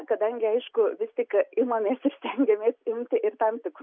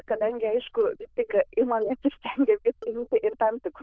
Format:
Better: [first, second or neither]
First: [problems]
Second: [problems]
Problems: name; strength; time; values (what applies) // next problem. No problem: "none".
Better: first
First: none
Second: noise reduction (neural diffusion model UNIVERSE++)